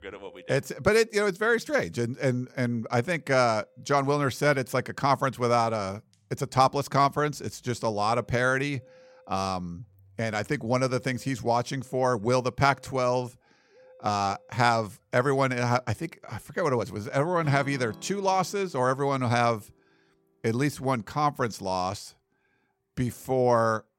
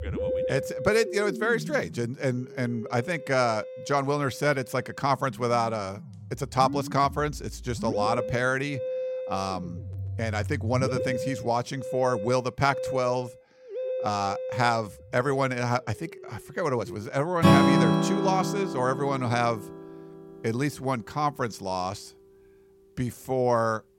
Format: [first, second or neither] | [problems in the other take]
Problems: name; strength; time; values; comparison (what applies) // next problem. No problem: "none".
first | background music; loud; throughout; 2 dB below the speech; faint in the first